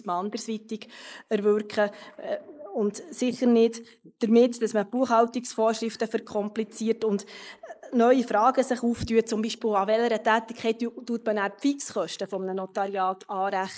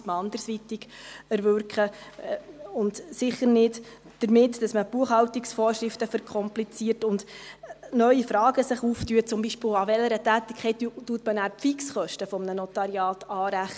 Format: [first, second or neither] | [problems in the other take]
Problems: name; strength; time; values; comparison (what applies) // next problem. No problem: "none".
second | noise reduction (neural mask model Resemble Enhance denoiser)